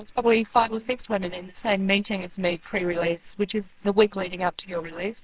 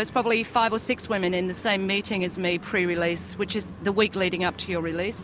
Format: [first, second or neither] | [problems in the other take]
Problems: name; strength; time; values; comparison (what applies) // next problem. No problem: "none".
second | noise reduction (neural separator model SepFormer WHAMR!)